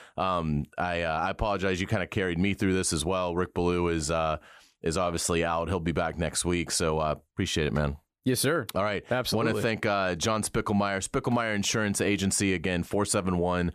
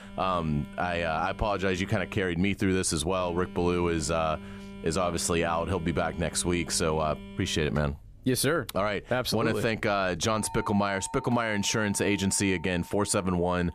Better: first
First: none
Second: alarms or sirens; noticeable; throughout; 15 dB below the speech

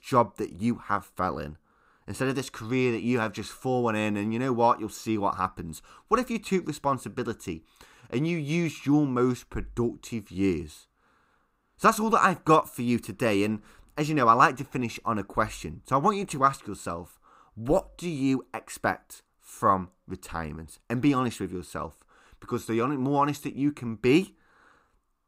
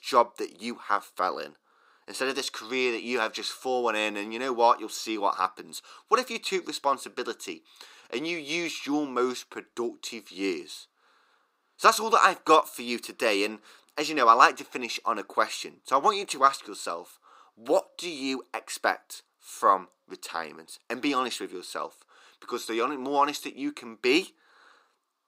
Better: first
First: none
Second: thin; somewhat; fading below 350 Hz

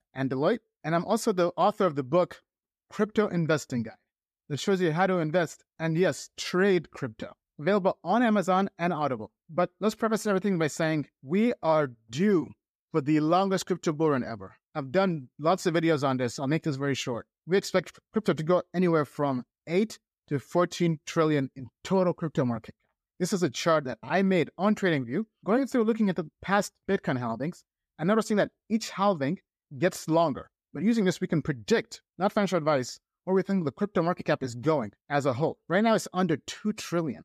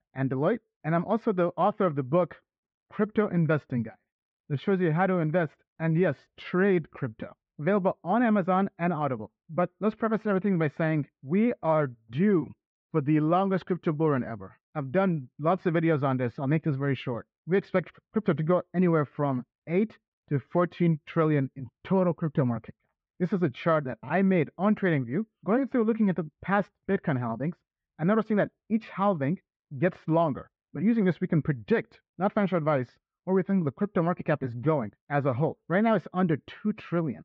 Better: first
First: none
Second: muffled; very; fading above 2.5 kHz

